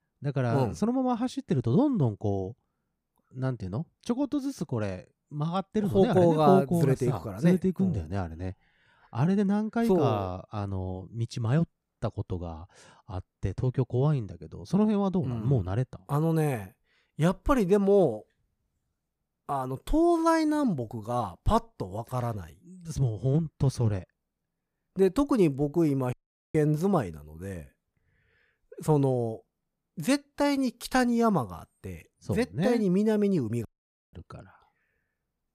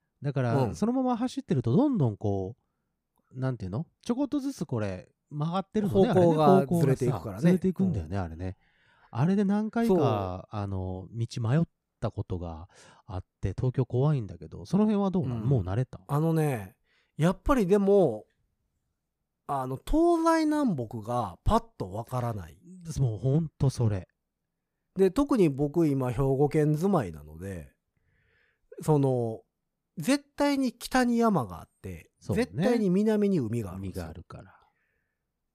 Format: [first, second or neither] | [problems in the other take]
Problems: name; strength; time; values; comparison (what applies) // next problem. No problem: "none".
second | audio cutting out; at 26 s and at 34 s